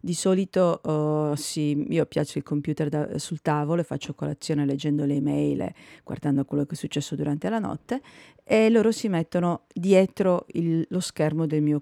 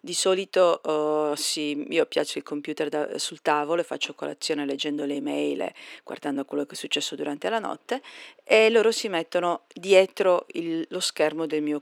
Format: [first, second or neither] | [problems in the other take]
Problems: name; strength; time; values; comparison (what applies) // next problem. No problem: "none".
first | thin; somewhat; fading below 350 Hz